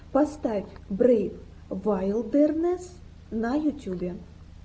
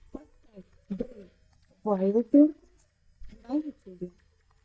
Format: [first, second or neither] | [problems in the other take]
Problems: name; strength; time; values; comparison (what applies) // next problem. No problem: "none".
first | noise reduction (neural mask model DeepFilterNet 3)